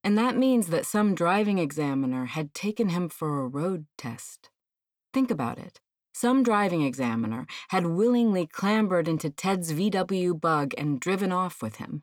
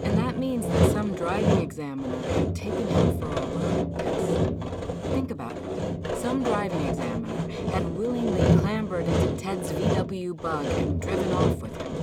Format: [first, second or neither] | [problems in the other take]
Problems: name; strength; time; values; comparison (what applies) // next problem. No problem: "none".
first | machinery noise; very loud; throughout; 5 dB above the speech